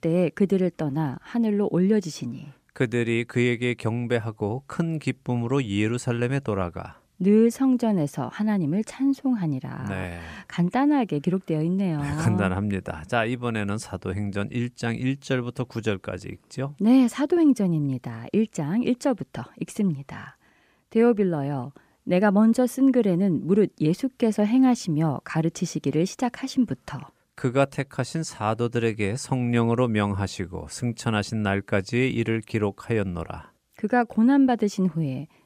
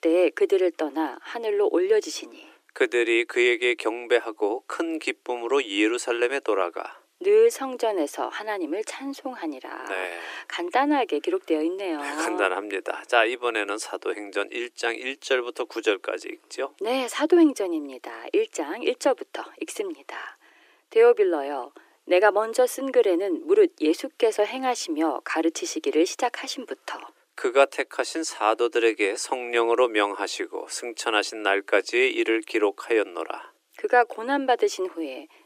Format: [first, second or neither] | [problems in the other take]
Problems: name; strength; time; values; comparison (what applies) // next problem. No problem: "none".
first | thin; very; fading below 300 Hz